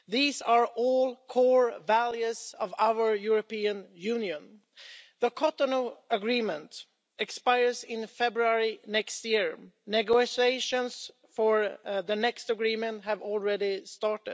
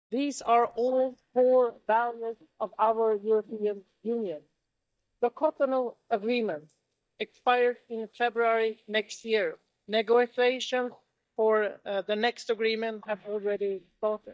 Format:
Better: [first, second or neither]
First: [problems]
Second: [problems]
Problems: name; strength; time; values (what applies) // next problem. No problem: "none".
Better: first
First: none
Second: noise reduction (neural mask model DeepFilterNet 3)